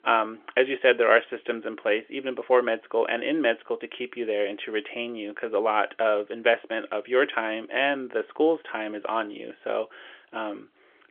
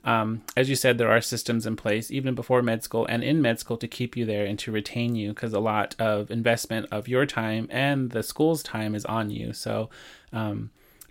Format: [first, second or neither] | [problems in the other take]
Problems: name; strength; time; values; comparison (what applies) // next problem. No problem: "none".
second | phone-call audio; nothing above 3.5 kHz